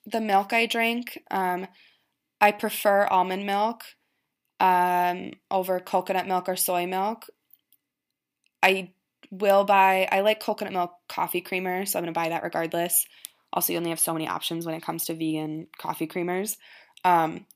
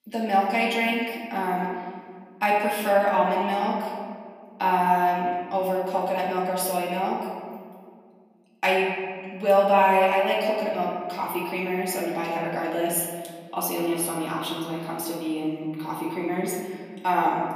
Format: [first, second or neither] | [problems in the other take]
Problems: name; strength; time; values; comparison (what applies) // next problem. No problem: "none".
first | room echo; noticeable; dies away in 1.9 s // off-mic speech; far